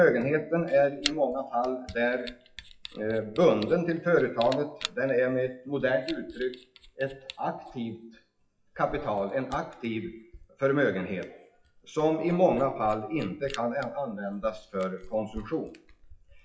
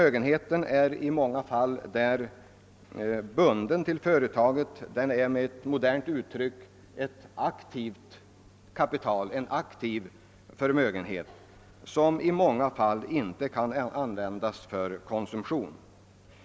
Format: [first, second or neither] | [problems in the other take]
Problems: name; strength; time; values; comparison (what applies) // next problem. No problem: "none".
second | noise reduction (classical method WPE with log-MMSE)